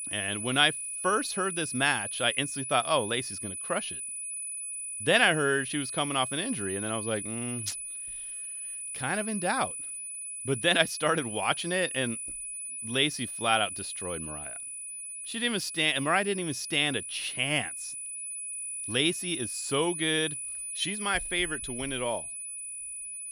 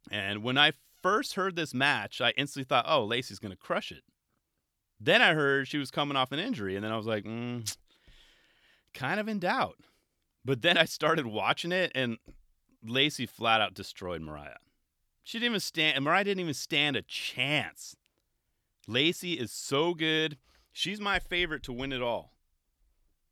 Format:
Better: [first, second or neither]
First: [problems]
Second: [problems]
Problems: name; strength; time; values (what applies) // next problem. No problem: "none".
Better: second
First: high-pitched whine; loud; throughout; 10 kHz, 6 dB below the speech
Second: none